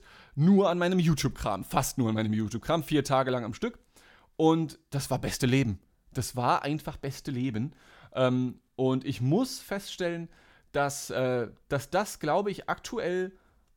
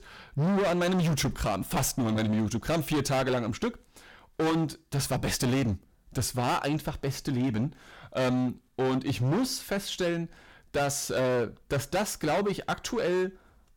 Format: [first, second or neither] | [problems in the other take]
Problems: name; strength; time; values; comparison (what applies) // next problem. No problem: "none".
first | distortion; heavy; 19% of the sound clipped